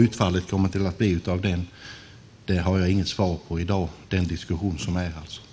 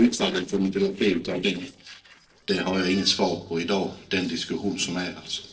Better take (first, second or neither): first